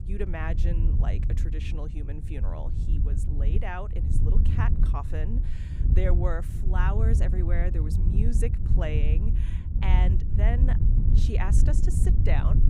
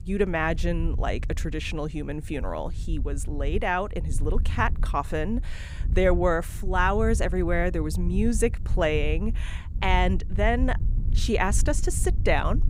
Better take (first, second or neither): second